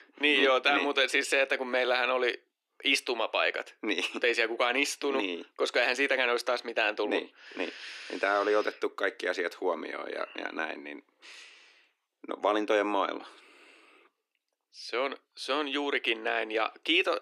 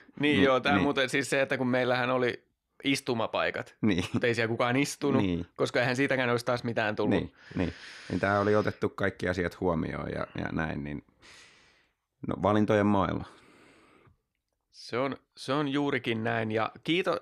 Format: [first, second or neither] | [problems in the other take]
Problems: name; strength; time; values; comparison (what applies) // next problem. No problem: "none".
second | thin; somewhat; fading below 300 Hz